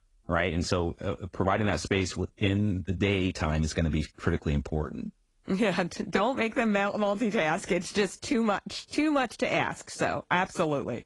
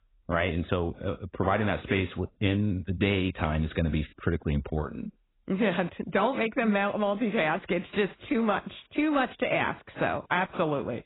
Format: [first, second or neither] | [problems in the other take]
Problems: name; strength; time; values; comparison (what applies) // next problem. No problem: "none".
first | garbled, watery; badly; nothing above 4 kHz; slightly in the first